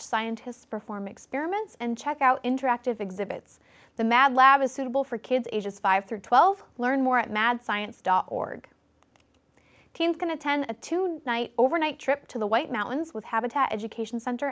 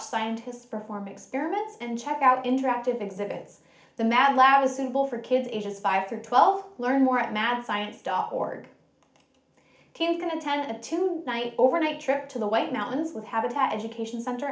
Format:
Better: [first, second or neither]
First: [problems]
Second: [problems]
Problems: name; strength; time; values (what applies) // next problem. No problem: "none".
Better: first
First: none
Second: room echo; dies away in 0.4 s